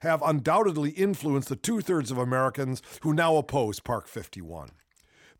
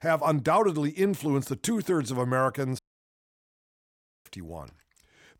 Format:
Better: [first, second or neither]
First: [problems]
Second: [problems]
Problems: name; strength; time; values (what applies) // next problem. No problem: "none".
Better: first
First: none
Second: audio cutting out; at 3 s for 1.5 s